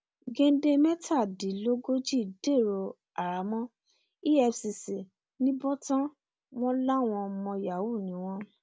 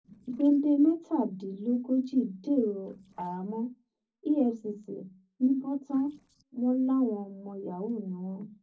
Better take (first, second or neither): first